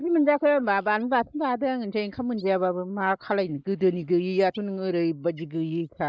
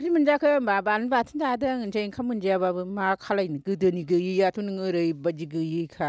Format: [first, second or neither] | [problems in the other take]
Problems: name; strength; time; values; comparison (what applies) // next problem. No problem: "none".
second | noise reduction (neural mask model Resemble Enhance denoiser)